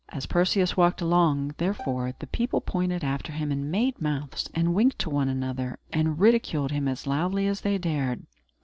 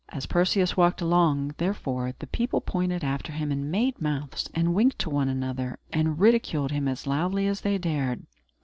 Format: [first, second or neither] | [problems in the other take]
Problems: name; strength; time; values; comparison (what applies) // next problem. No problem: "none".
second | background sound (Bowed string instrument); 18 dB below the speech